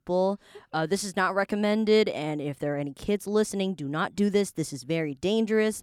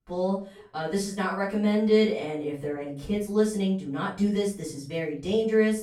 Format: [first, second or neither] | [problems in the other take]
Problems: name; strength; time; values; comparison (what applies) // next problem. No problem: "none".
first | off-mic speech; far // room echo; slight; dies away in 0.3 s